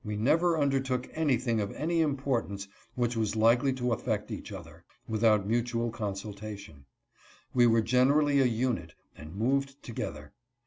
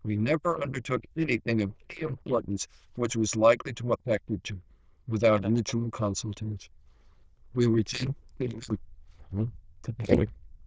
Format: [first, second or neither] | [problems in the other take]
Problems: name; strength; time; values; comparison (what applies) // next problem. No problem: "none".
first | noise reduction (neural diffusion model UNIVERSE++)